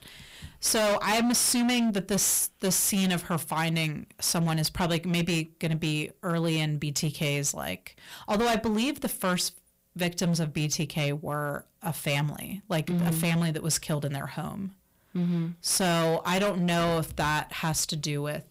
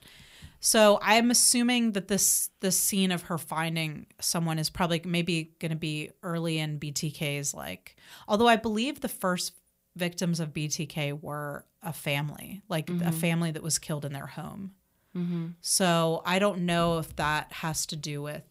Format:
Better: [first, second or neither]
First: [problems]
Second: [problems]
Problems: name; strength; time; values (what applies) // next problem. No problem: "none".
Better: second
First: distortion; heavy; 16% of the sound clipped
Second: none